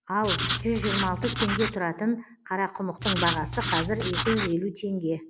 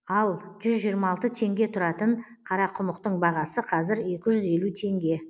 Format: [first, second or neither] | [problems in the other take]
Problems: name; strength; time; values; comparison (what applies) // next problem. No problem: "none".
second | background sound (Writing); 2 dB below the speech